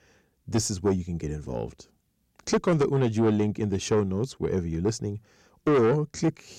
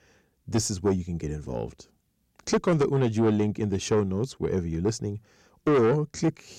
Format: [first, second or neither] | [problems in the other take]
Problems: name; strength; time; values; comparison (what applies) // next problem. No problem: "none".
neither | distortion; heavy; 7 dB below the speech; the same in both